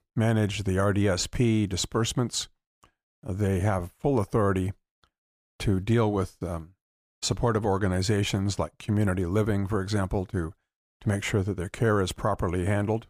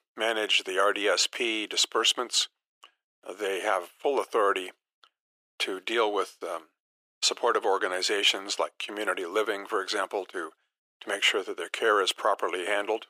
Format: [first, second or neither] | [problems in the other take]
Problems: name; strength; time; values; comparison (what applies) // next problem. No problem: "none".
first | thin; very; fading below 400 Hz